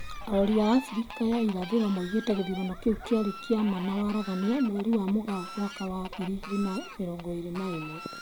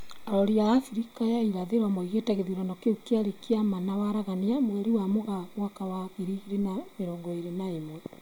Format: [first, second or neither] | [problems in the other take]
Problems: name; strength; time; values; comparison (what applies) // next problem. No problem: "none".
second | background sound (Fowl); 14 dB below the speech